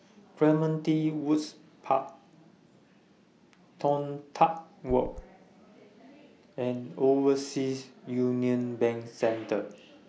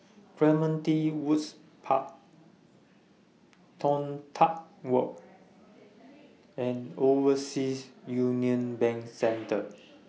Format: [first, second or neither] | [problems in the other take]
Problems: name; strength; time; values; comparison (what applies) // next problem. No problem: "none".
second | background sound (Run); 11 dB below the speech